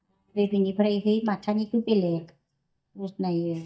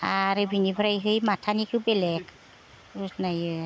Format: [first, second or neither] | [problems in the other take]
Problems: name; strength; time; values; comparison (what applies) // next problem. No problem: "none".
second | noise reduction (neural mask model DeepFilterNet 3)